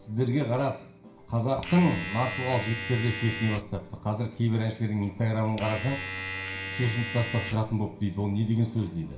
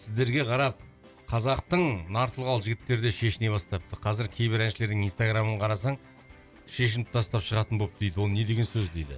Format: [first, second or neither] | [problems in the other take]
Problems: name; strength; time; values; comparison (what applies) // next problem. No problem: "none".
second | background sound (Domestic sounds, home sounds); 11 dB below the speech // room echo; dies away in 0.5 s